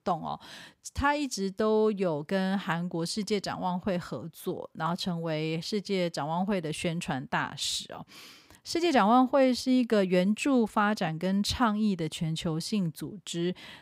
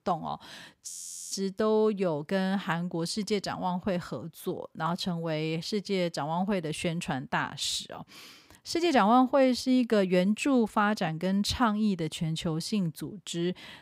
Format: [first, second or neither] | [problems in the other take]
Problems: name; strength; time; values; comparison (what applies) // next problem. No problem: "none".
first | audio freezing; at 1 s